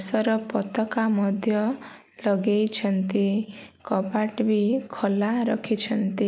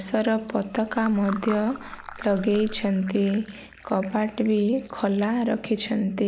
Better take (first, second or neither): first